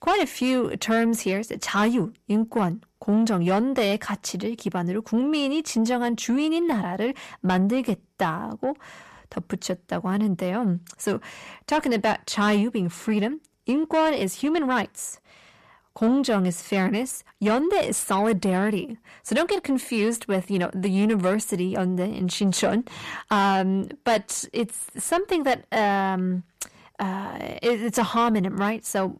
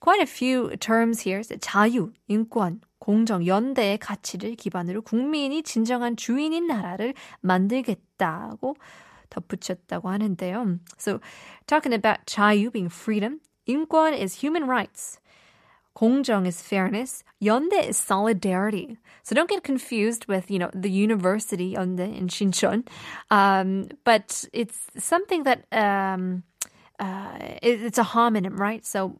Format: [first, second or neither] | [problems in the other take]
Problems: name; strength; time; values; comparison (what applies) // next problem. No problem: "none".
second | distortion; slight; 10 dB below the speech